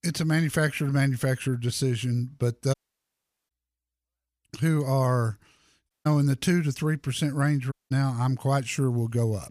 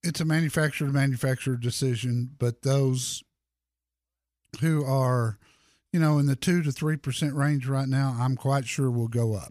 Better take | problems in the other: second | audio cutting out; at 2.5 s for 1 s, at 6 s and at 7.5 s

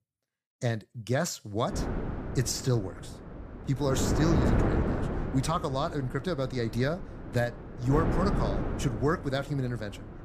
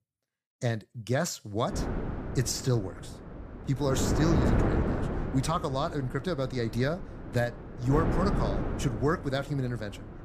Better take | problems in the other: neither | wind noise on the microphone; heavy; from 1.5 s on; 4 dB below the speech; the same in both

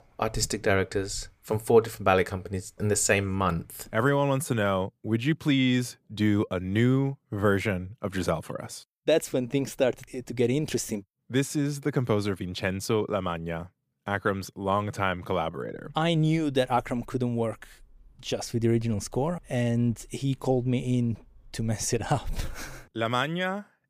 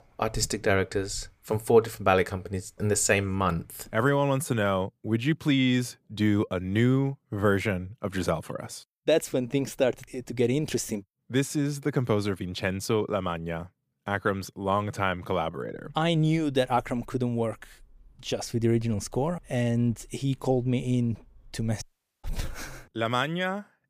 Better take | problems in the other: first | audio cutting out; at 22 s

